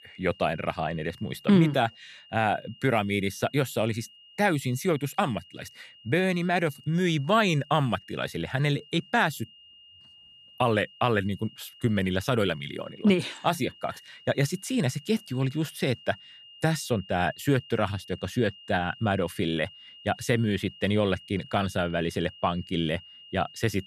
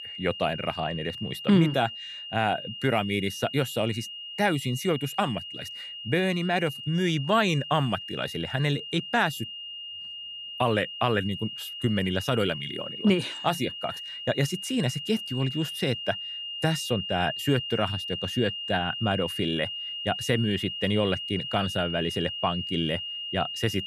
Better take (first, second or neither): first